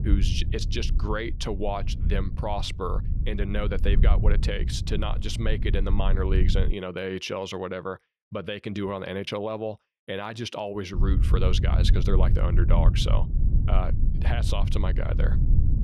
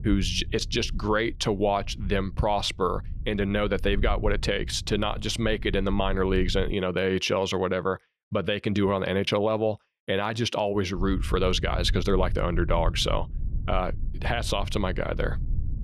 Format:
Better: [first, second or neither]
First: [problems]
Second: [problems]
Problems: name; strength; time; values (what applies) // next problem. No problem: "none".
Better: second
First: low rumble; loud; until 6.5 s and from 11 s on; 10 dB below the speech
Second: low rumble; faint; until 6.5 s and from 11 s on; 25 dB below the speech